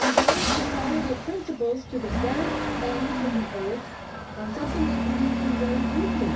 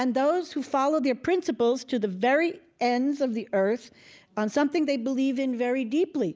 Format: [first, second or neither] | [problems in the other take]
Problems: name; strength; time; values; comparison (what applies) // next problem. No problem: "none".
second | background sound (Engine starting / Accelerating, revving, vroom / Motor vehicle (road)); 3 dB above the speech // room echo; dies away in 0.3 s